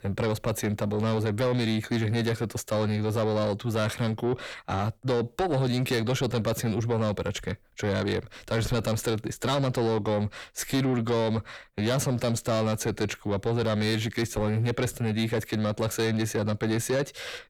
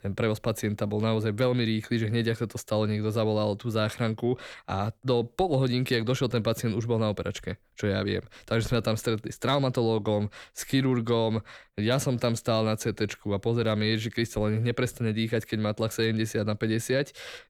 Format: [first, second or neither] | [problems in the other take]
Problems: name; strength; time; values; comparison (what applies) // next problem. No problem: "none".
second | distortion; slight; 10 dB below the speech